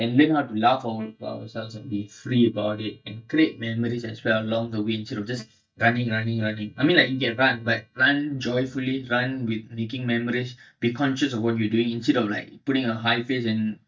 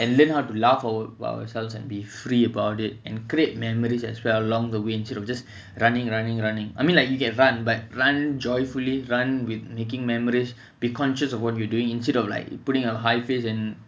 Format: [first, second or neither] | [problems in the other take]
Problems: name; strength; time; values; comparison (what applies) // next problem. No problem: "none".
second | noise reduction (neural mask model DeepFilterNet 3)